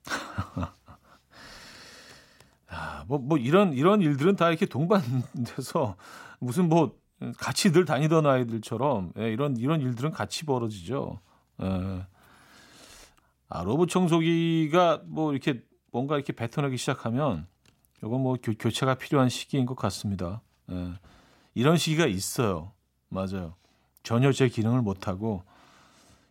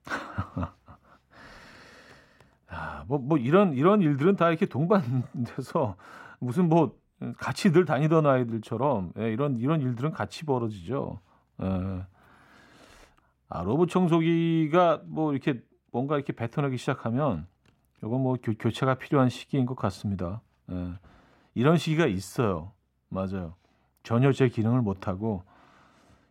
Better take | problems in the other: first | muffled; slightly; fading above 3 kHz

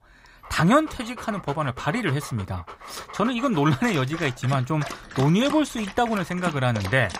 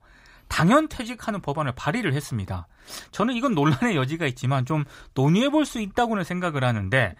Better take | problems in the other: second | animal sounds; noticeable; throughout; 15 dB below the speech

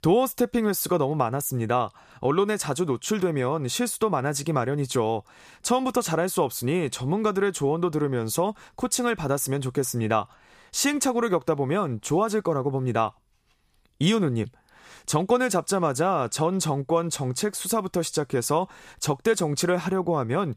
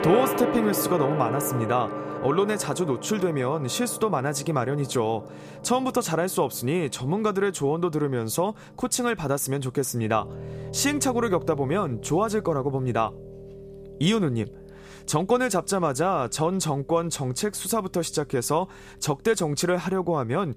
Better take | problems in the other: first | background music; loud; throughout; 9 dB below the speech

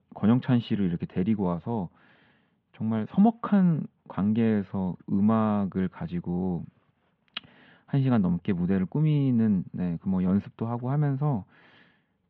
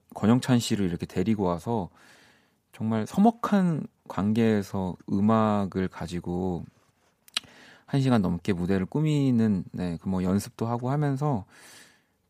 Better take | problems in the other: second | muffled; very; fading above 3.5 kHz

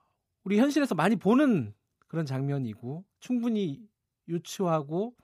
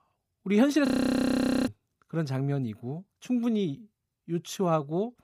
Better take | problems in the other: first | audio freezing; at 1 s for 1 s

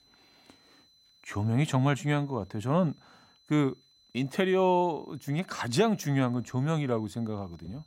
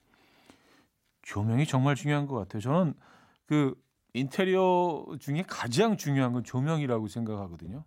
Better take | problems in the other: second | high-pitched whine; faint; throughout; 4 kHz, 30 dB below the speech

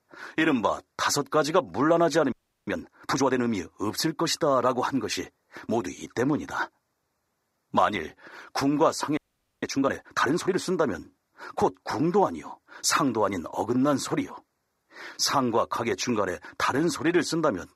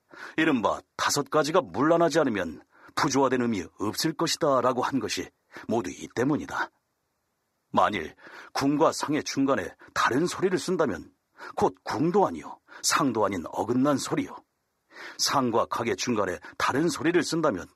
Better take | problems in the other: second | audio freezing; at 2.5 s and at 9 s

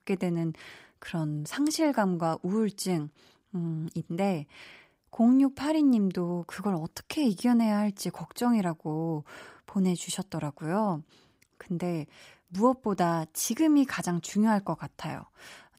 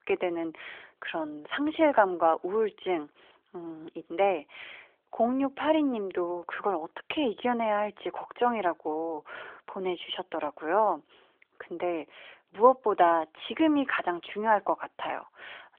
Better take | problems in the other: first | phone-call audio; nothing above 3.5 kHz

